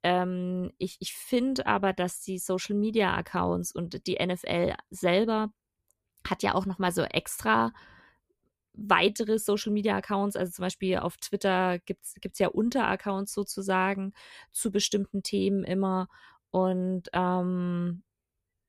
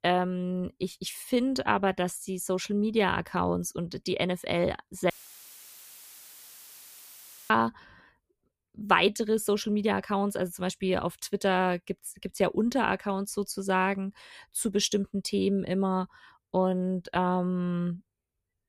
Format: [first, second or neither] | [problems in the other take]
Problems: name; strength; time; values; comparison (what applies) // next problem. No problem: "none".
first | audio cutting out; filled with static; at 5 s for 2.5 s